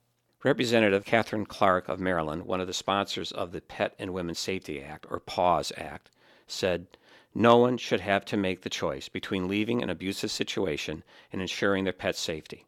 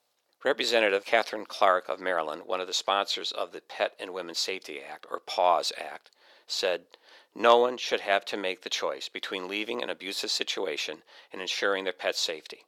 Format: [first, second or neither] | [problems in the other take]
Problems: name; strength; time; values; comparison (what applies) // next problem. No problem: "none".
first | thin; somewhat; fading below 550 Hz